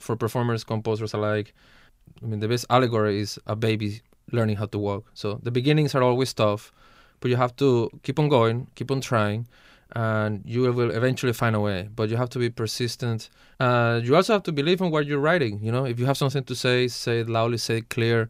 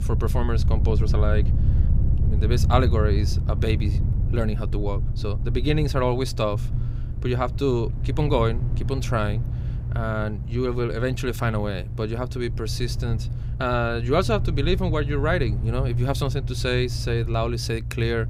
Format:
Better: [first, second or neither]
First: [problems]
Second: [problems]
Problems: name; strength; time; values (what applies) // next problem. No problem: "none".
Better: first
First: none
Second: low rumble; noticeable; throughout; 15 dB below the speech